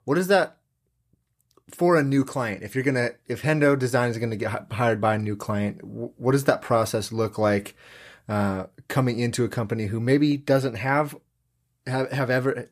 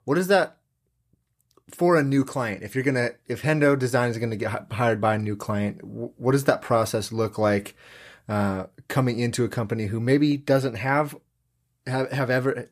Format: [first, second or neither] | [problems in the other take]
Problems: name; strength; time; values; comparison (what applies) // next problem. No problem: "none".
neither | none